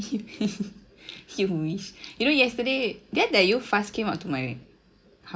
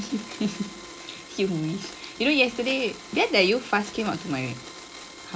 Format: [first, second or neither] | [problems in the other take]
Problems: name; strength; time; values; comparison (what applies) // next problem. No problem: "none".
first | background sound (Domestic sounds, home sounds); 15 dB below the speech